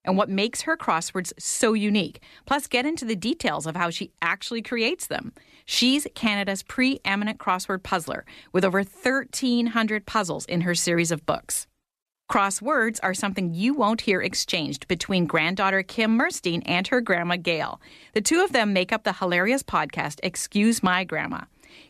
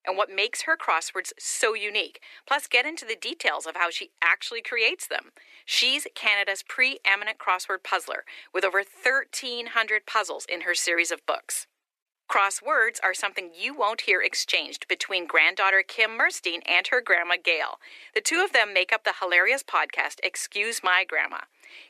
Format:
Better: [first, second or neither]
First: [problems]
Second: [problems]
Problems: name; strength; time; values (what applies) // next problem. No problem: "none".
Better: first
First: none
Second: thin; very; fading below 350 Hz